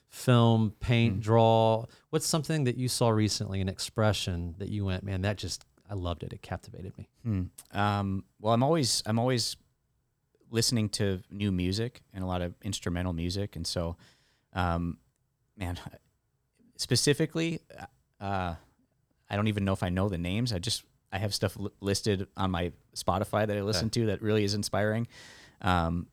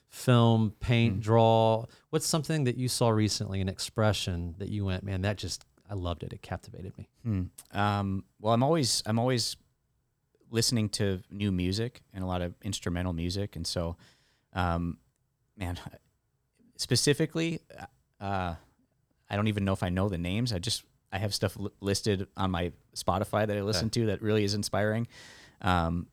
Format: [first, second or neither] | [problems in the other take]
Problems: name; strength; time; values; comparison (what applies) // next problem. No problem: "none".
neither | none